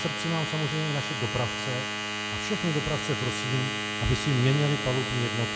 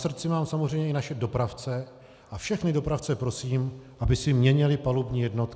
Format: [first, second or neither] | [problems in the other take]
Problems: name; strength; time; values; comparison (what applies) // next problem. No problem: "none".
second | background sound (Domestic sounds, home sounds); 2 dB below the speech